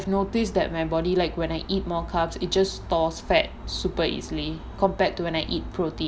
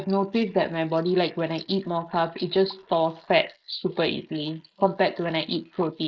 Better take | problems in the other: first | noise reduction (neural mask model Resemble Enhance denoiser)

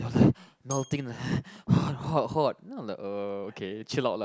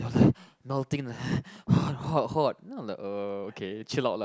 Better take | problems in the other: second | background sound (Bell); 18 dB below the speech

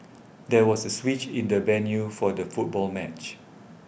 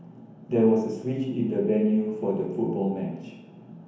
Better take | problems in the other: first | room echo; dies away in 1 s

